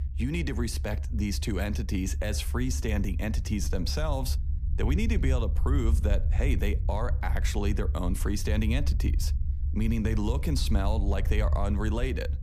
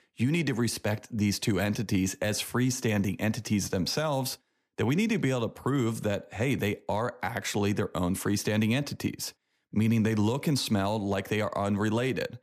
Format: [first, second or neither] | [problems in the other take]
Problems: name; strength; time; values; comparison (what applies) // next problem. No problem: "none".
second | low rumble; noticeable; throughout; 15 dB below the speech